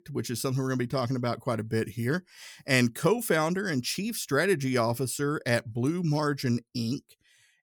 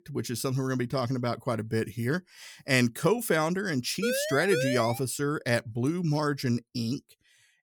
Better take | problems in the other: first | siren; noticeable; at 4 s; peak 2 dB below the speech

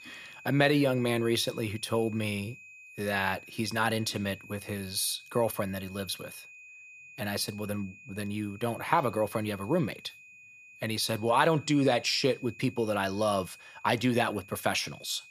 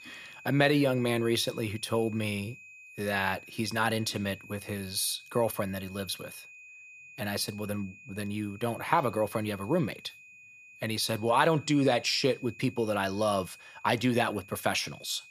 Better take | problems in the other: neither | high-pitched whine; noticeable; throughout; 2.5 kHz, 20 dB below the speech; the same in both

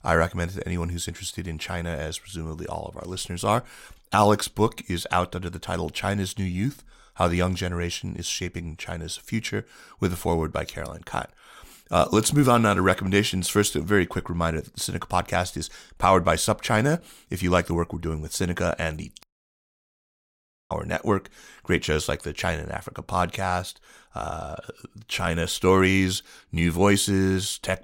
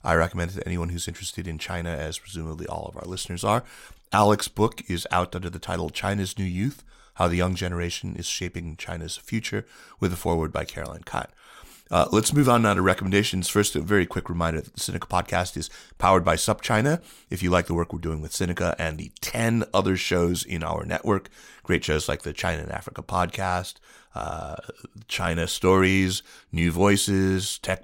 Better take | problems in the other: second | audio cutting out; at 19 s for 1.5 s

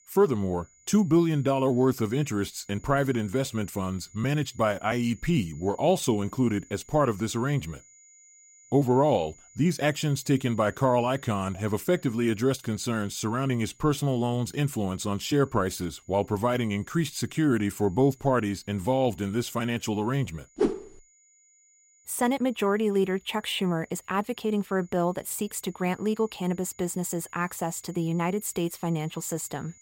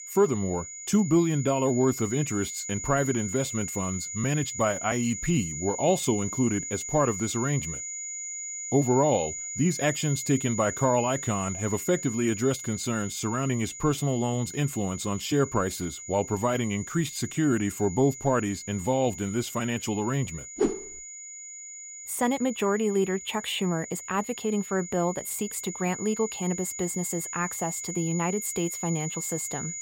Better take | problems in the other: first | high-pitched whine; loud; throughout; 7 kHz, 7 dB below the speech; faint in the first

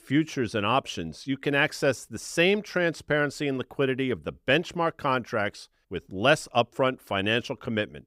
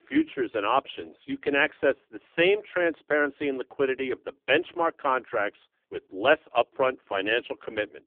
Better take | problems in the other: first | phone-call audio; poor line; nothing above 3 kHz

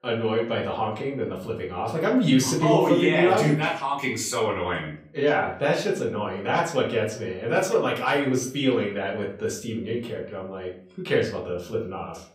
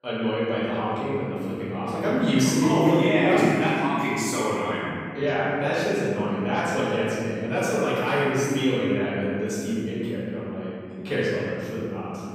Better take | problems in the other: first | room echo; strong; dies away in 2.3 s; slight in the first // off-mic speech; far; far in the first

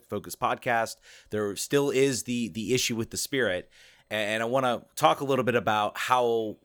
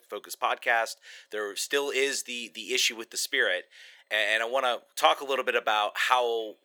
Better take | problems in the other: first | thin; very; fading below 450 Hz

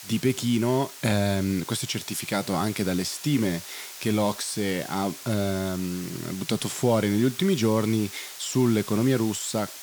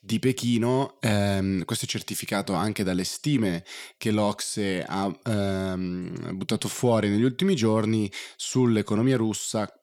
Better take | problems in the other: second | hiss; noticeable; throughout; 10 dB below the speech

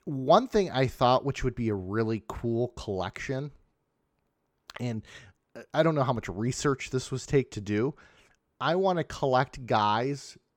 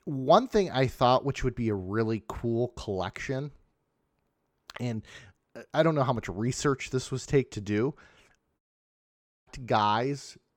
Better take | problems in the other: first | audio cutting out; at 8.5 s for 1 s

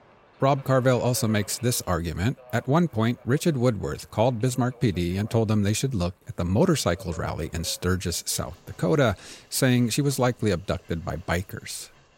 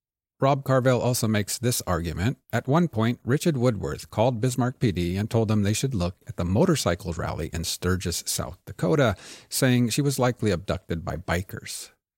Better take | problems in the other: second | train or aircraft noise; faint; throughout; 25 dB below the speech

